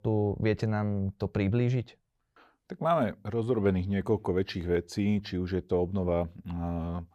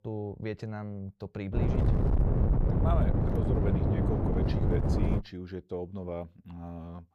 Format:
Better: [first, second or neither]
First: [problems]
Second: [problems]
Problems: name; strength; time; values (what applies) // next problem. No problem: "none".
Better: first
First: none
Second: wind noise on the microphone; heavy; from 1.5 to 5 s; 3 dB above the speech